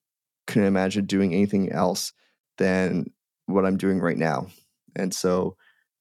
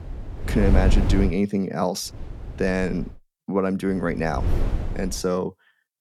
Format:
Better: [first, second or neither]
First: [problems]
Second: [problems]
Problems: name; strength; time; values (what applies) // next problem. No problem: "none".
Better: first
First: none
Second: wind noise on the microphone; heavy; until 1.5 s, from 2 to 3 s and from 4 to 5 s; 9 dB below the speech